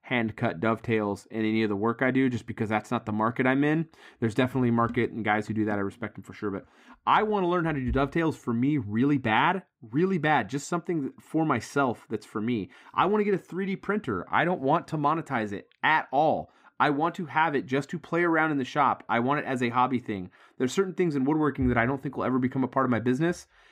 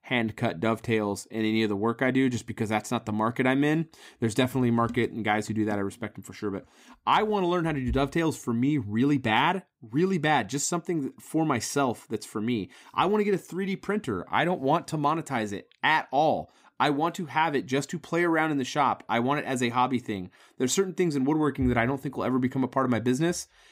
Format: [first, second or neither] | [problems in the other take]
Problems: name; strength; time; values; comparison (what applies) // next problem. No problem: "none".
second | muffled; slightly; fading above 4 kHz